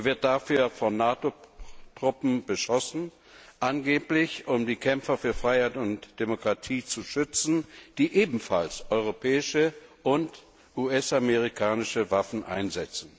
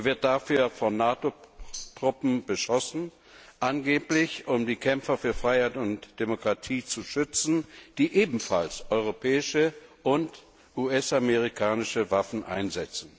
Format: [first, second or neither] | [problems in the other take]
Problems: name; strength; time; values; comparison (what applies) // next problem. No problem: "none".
first | background sound (Tambourine); 14 dB below the speech